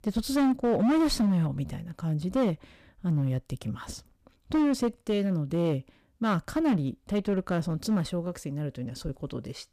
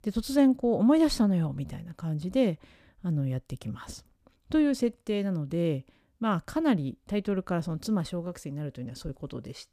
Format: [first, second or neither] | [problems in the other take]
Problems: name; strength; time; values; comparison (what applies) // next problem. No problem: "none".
second | distortion; slight; 8% of the sound clipped